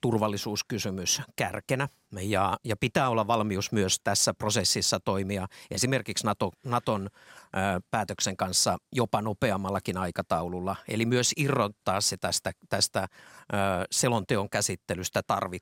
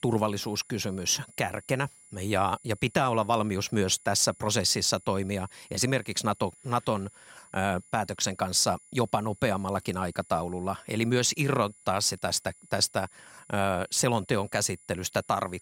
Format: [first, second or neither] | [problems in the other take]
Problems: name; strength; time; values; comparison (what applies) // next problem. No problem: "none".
first | high-pitched whine; faint; throughout; 9.5 kHz, 25 dB below the speech